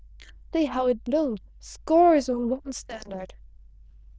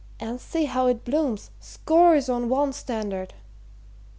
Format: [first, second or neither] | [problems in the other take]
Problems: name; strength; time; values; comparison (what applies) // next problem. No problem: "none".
second | noise reduction (neural diffusion model UNIVERSE++)